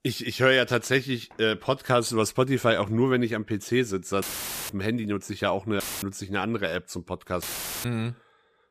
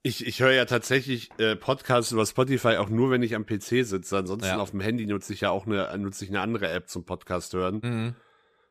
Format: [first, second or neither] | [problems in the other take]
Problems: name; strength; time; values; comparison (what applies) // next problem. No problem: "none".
second | audio cutting out; filled with static; at 4 s, at 6 s and at 7.5 s